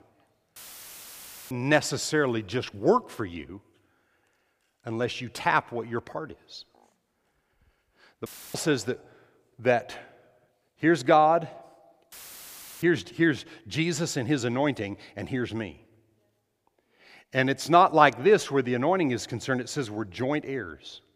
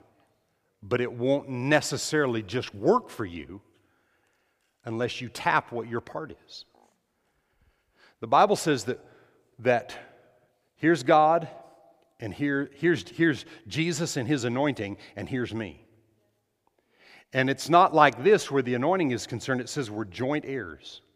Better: second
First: audio cutting out; filled with static; at 0.5 s for 1 s, at 8.5 s and at 12 s for 0.5 s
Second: none

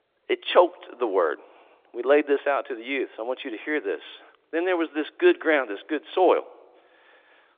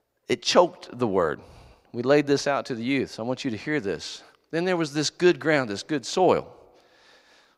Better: second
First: phone-call audio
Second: none

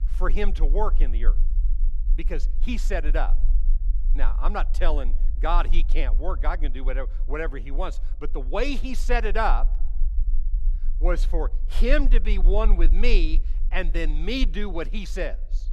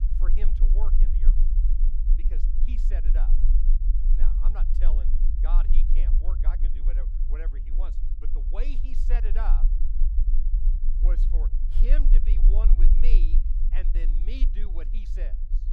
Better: first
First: low rumble; faint; throughout; 25 dB below the speech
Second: low rumble; loud; throughout; 5 dB below the speech

